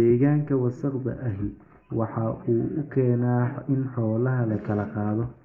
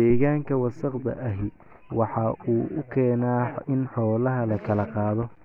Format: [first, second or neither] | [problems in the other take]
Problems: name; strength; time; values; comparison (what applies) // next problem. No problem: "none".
second | room echo; dies away in 0.3 s